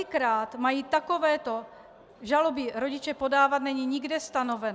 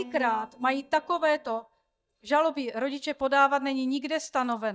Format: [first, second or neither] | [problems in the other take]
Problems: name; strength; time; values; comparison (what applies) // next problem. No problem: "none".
first | noise reduction (neural mask model DeepFilterNet 3)